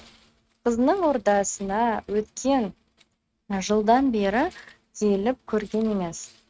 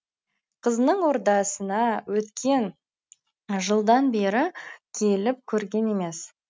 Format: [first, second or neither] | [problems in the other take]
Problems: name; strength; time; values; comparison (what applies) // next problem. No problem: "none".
second | noise reduction (neural mask model RNNoise)